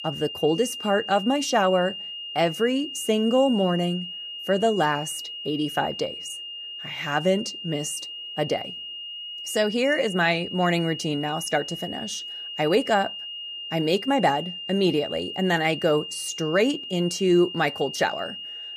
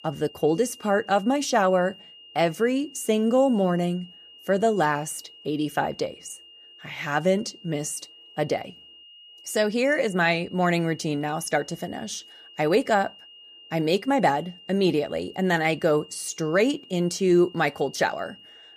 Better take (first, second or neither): second